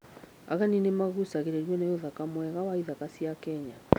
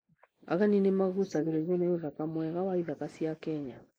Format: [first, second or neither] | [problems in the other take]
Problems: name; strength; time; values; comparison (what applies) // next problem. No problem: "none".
first | noise reduction (neural mask model Resemble Enhance denoiser)